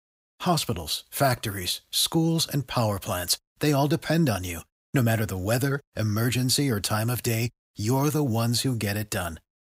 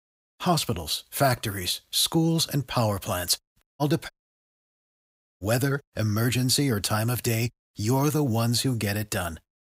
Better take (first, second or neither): first